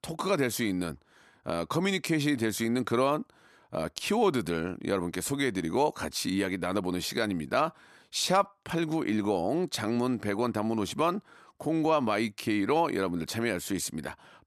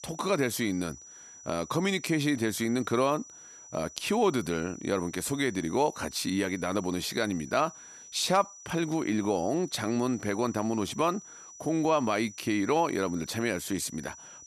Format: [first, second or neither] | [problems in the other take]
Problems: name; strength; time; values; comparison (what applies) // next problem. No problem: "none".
first | high-pitched whine; noticeable; throughout; 6 kHz, 15 dB below the speech